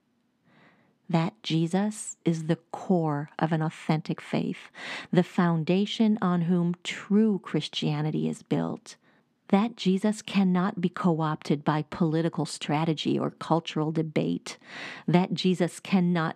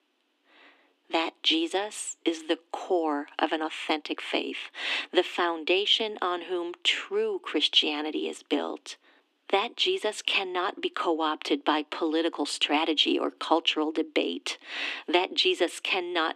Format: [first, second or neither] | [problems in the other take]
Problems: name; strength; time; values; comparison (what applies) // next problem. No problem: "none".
first | thin; very; fading below 300 Hz